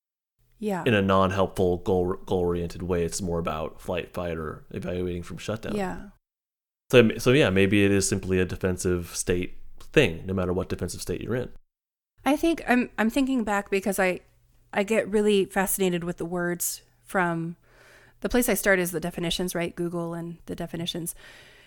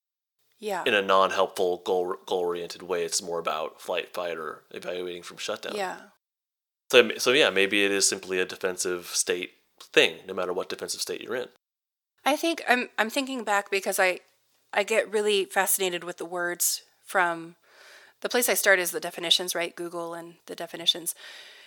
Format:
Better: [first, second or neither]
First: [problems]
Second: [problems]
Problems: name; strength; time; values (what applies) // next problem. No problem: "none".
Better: first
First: none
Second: thin; somewhat; fading below 500 Hz